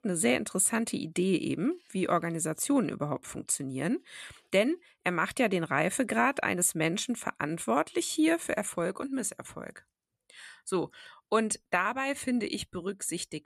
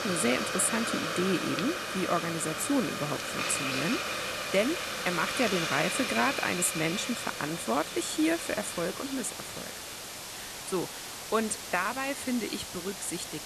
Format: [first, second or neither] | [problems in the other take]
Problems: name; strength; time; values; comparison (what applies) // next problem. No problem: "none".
first | hiss; loud; throughout; 3 dB below the speech